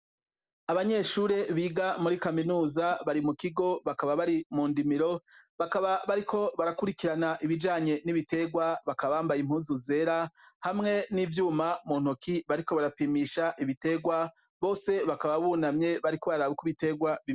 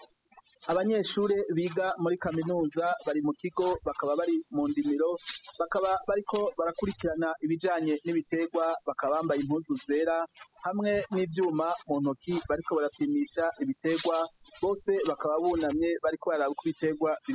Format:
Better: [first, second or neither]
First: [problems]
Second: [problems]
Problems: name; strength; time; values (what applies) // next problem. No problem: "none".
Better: first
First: none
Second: noise reduction (classical method spectral subtraction)